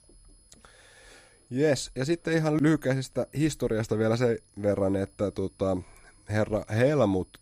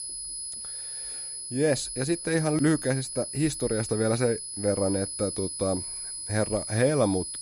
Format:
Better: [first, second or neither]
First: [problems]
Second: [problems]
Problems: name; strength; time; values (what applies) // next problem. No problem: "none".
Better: first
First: high-pitched whine; faint; throughout; 10.5 kHz, 35 dB below the speech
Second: high-pitched whine; loud; throughout; 10.5 kHz, 6 dB below the speech